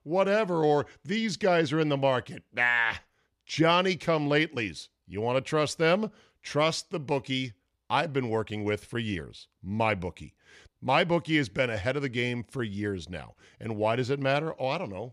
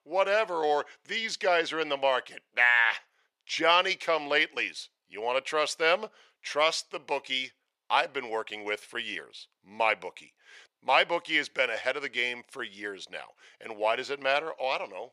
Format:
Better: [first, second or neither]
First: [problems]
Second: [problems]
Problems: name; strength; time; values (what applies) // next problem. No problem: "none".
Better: first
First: none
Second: thin; very; fading below 650 Hz